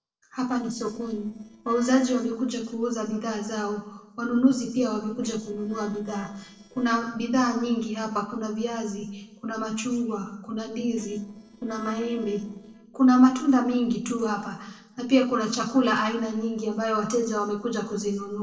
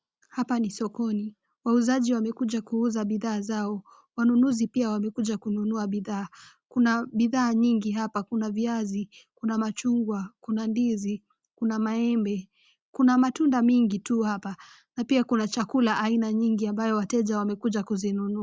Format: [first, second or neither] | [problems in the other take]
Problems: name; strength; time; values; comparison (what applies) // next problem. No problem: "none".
second | noise reduction (neural separator model SepFormer DNS4)